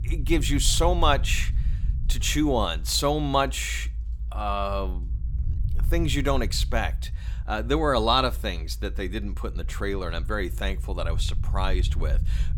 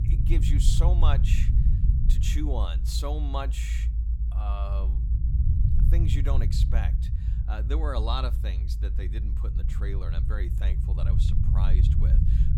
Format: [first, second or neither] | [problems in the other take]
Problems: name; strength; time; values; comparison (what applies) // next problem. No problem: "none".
first | low rumble; loud; throughout; 6 dB below the speech; faint in the first